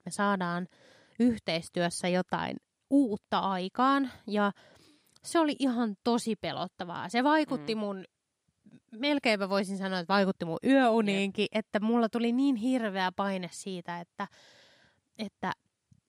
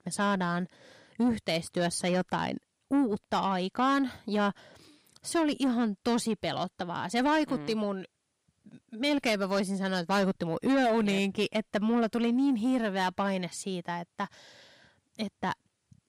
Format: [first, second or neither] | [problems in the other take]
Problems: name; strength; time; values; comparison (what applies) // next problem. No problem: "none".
first | distortion; slight; 10 dB below the speech